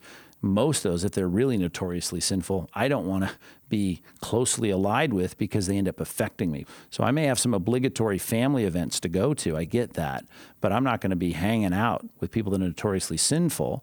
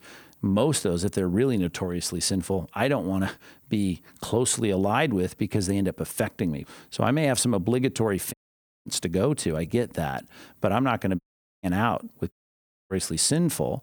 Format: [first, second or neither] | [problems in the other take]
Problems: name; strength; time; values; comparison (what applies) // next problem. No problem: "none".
first | audio cutting out; at 8.5 s for 0.5 s, at 11 s and at 12 s for 0.5 s